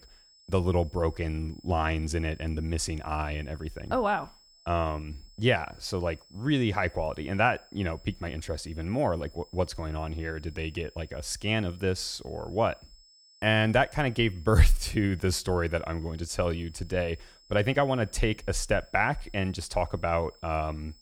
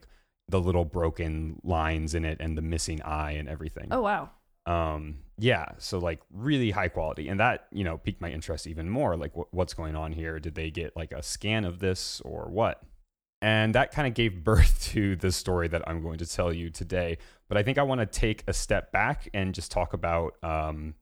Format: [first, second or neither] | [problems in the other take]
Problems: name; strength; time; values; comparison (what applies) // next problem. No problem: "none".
second | high-pitched whine; faint; throughout; 5 kHz, 25 dB below the speech